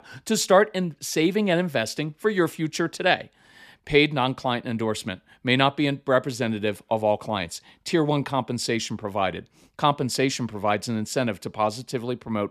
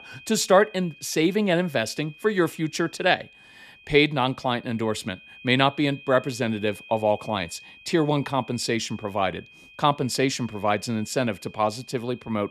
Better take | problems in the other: first | high-pitched whine; faint; throughout; 2.5 kHz, 20 dB below the speech

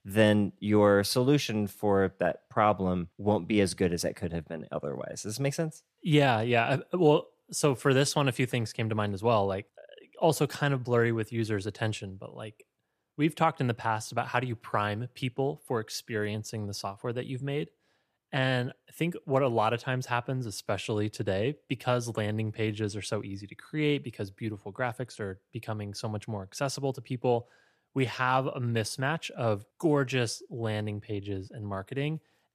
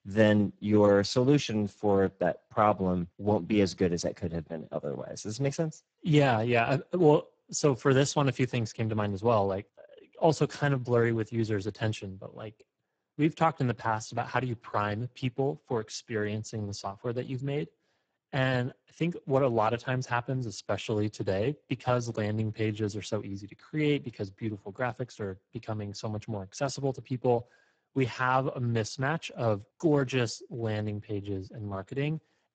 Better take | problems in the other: first | garbled, watery; badly; nothing above 7.5 kHz

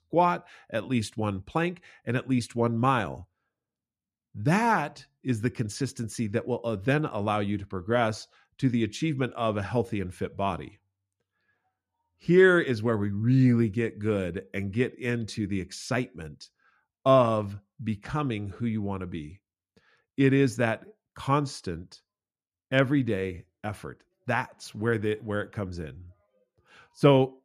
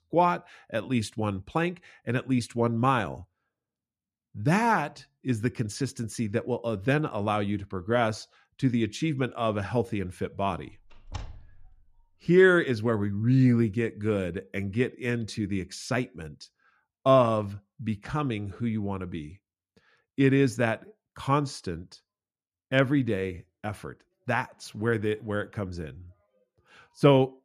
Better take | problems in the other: first | door banging; faint; at 11 s; peak 15 dB below the speech

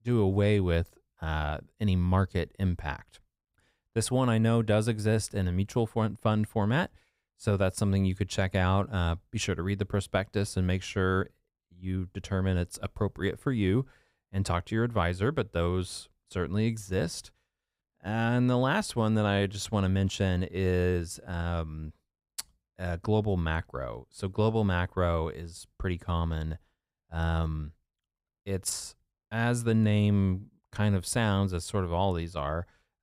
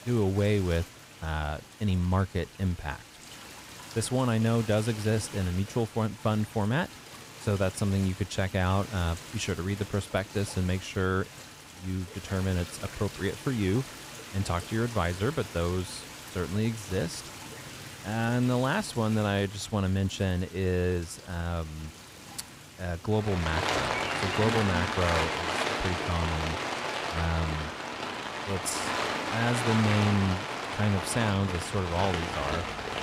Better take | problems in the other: first | rain or running water; loud; throughout; 5 dB below the speech

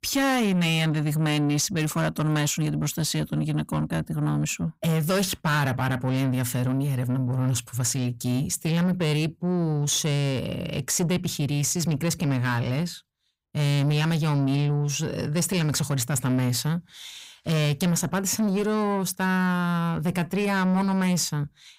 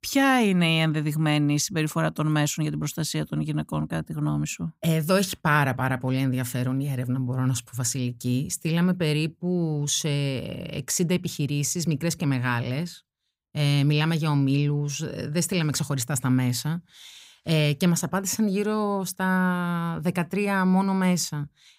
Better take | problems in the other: second | distortion; slight; 10 dB below the speech

